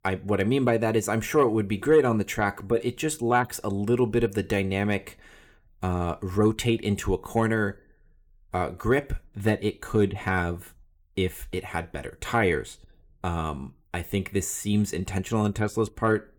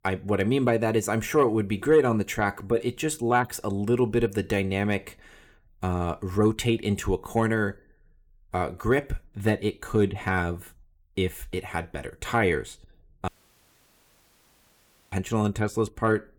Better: first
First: none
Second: audio cutting out; at 13 s for 2 s

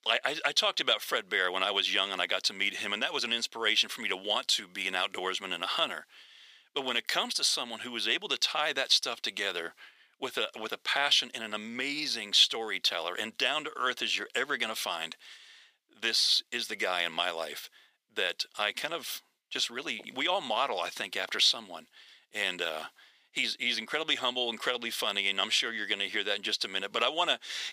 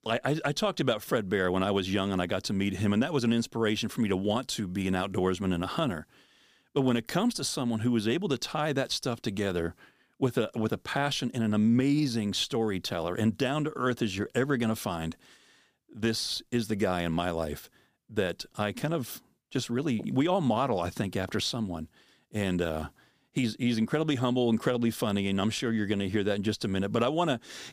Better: second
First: thin; very; fading below 650 Hz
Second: none

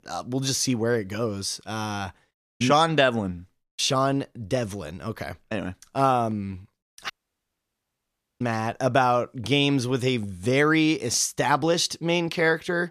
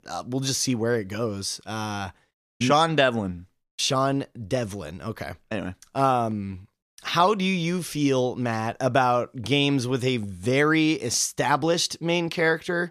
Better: second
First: audio cutting out; at 7 s for 1.5 s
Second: none

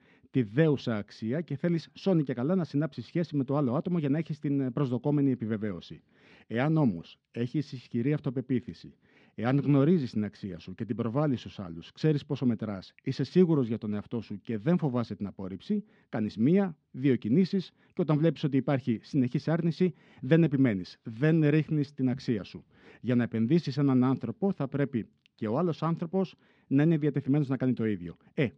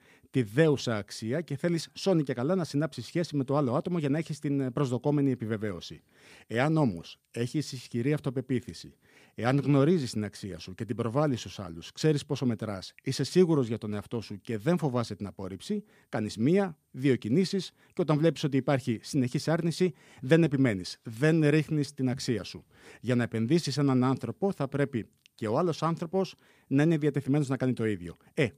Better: second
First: muffled; very slightly; fading above 4 kHz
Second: none

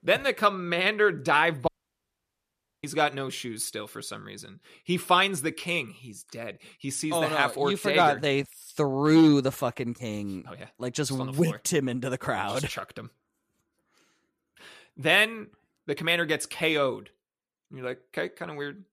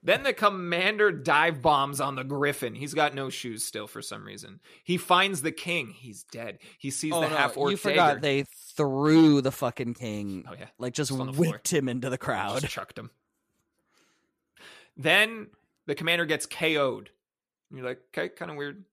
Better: second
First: audio cutting out; at 1.5 s for 1 s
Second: none

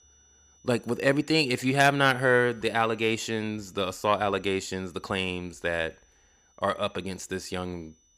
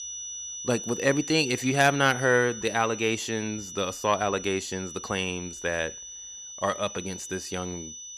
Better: first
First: high-pitched whine; faint; throughout; 6 kHz, 35 dB below the speech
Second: high-pitched whine; loud; throughout; 6 kHz, 10 dB below the speech

